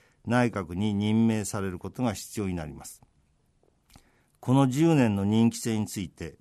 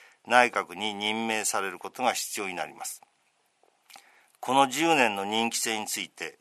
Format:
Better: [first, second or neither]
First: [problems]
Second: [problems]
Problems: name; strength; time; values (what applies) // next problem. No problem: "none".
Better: first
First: none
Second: thin; very; fading below 650 Hz